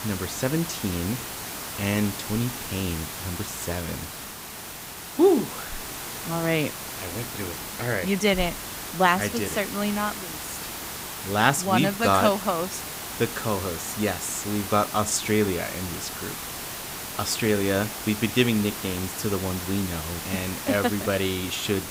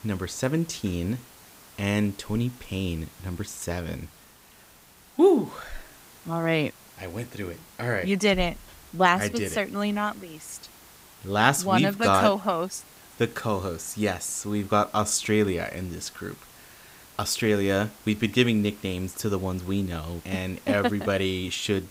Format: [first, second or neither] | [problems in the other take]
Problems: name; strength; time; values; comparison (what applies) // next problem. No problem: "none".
second | hiss; loud; throughout; 7 dB below the speech; faint in the second